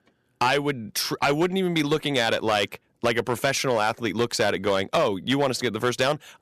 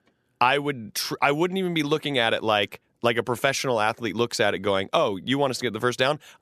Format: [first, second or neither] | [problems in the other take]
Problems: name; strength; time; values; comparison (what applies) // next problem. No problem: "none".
second | distortion; slight; 6% of the sound clipped